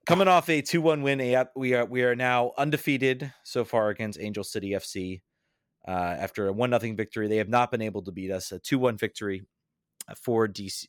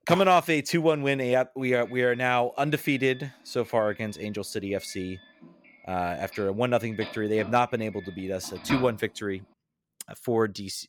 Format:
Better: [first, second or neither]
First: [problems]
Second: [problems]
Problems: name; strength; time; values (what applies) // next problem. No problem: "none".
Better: first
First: none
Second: doorbell; noticeable; from 6.5 to 9 s; peak 6 dB below the speech